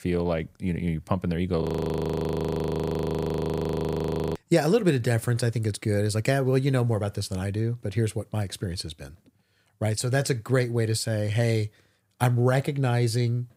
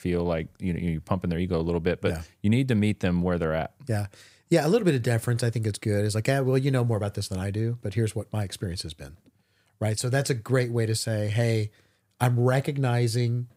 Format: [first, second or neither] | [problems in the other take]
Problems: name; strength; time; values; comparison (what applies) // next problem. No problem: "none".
second | audio freezing; at 1.5 s for 2.5 s